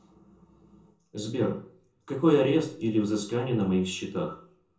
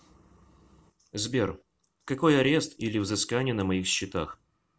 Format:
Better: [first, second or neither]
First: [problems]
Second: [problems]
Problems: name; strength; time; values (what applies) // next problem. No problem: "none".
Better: second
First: room echo; dies away in 0.5 s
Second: none